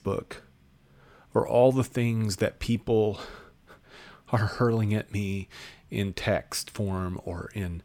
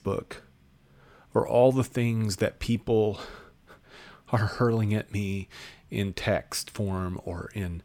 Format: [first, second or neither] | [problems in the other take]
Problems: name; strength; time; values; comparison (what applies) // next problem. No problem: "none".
neither | none